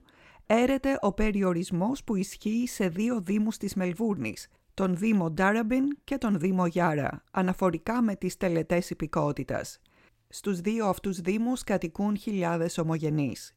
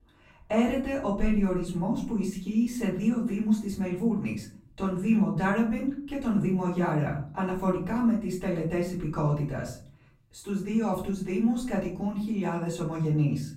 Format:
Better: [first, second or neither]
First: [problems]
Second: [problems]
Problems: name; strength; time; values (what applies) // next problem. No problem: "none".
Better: first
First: none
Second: off-mic speech; far // room echo; slight; dies away in 0.6 s